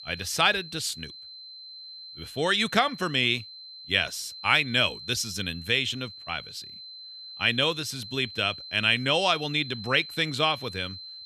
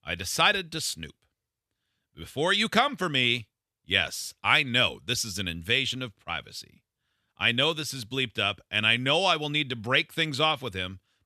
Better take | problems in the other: second | high-pitched whine; noticeable; throughout; 4 kHz, 15 dB below the speech

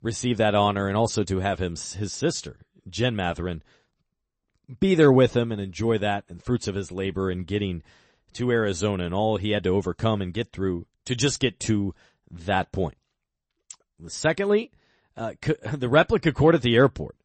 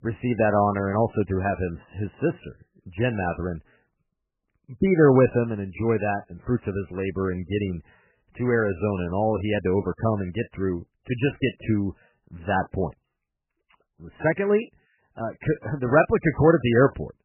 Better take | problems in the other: first | garbled, watery; badly; nothing above 3 kHz; slightly in the first

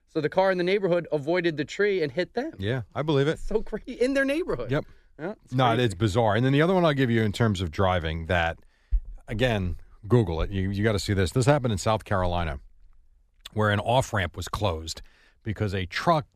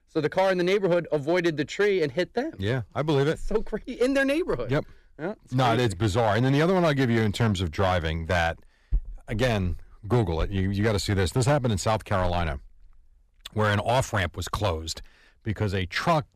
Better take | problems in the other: first | distortion; slight; 5% of the sound clipped

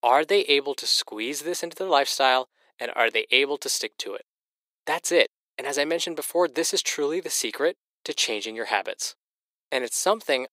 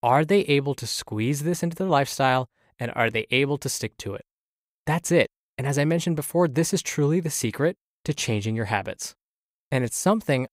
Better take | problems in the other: second | thin; very; fading below 350 Hz

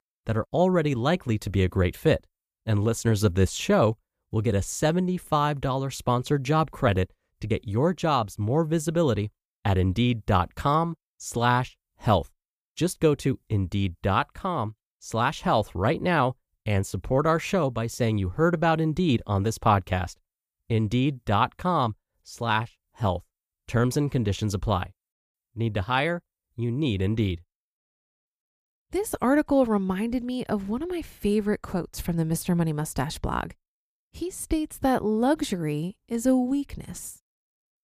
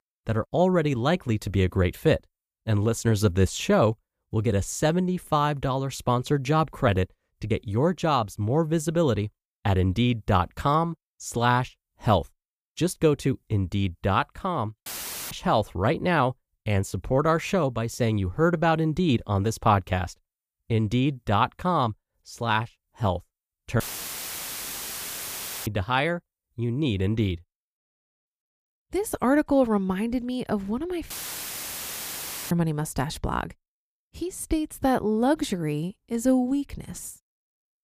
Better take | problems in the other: first | audio cutting out; filled with static; at 15 s, at 24 s for 2 s and at 31 s for 1.5 s

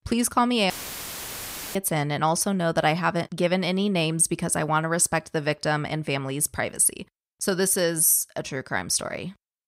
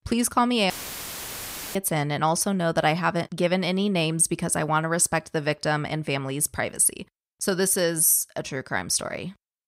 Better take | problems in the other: neither | audio cutting out; filled with static; at 0.5 s for 1 s; the same in both

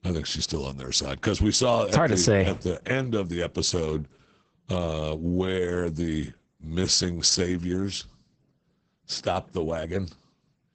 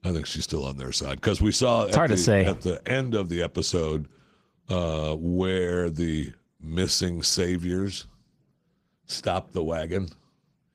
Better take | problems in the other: second | garbled, watery; badly; nothing above 8 kHz; slightly in the second

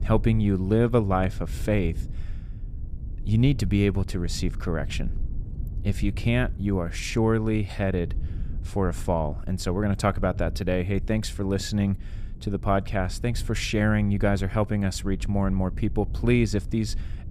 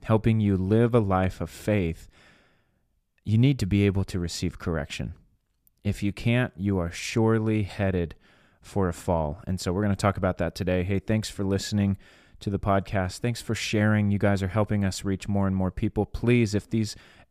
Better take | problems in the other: second | low rumble; faint; throughout; 20 dB below the speech

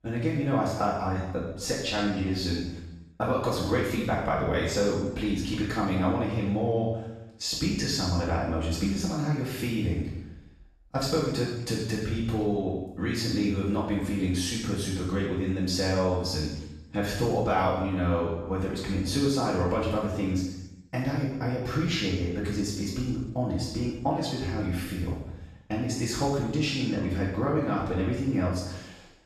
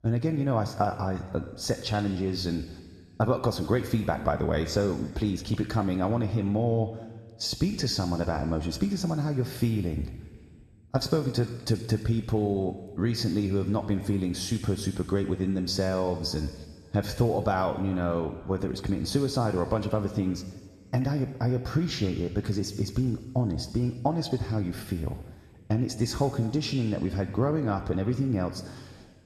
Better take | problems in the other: second | room echo; strong; dies away in 0.8 s; slight in the second // off-mic speech; far

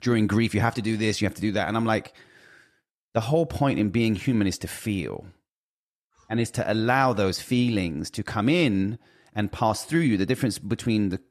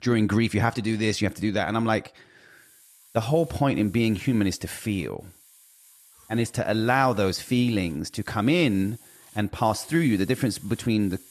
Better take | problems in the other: first | hiss; faint; from 2.5 s on; 25 dB below the speech

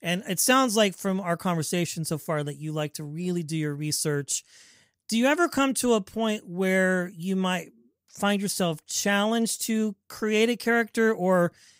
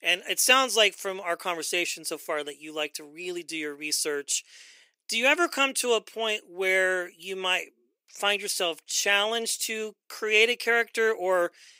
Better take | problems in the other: first | thin; very; fading below 350 Hz

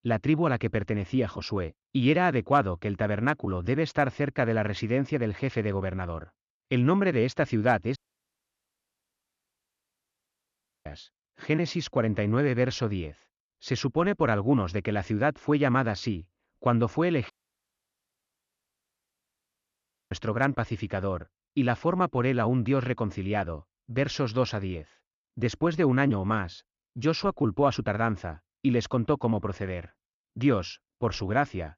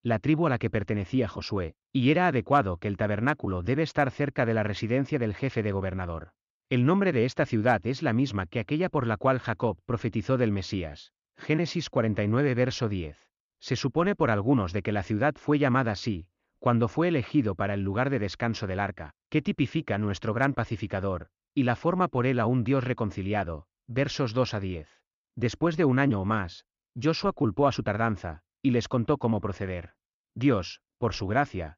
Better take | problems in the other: second | audio cutting out; at 8 s for 3 s and at 17 s for 3 s

